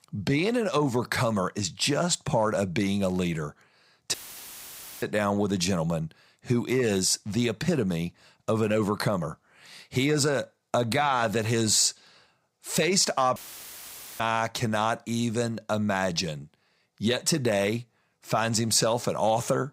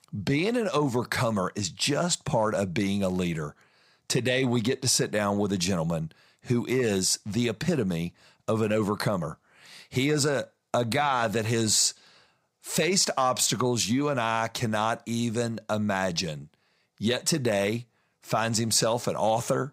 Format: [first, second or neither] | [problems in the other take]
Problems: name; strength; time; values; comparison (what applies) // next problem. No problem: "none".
second | audio cutting out; filled with static; at 4 s for 1 s and at 13 s for 1 s